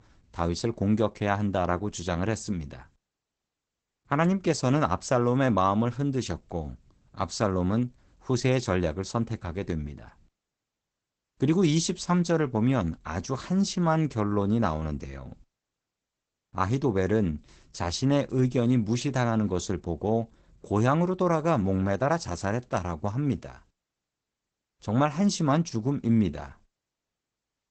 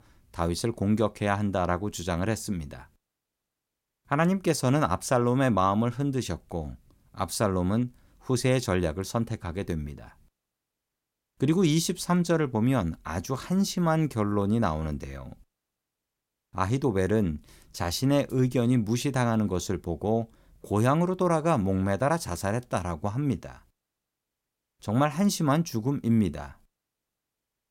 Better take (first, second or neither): second